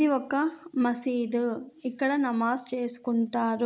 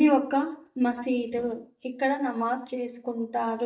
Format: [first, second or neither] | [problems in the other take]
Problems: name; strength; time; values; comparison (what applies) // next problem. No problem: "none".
first | noise reduction (neural mask model DeepFilterNet 3)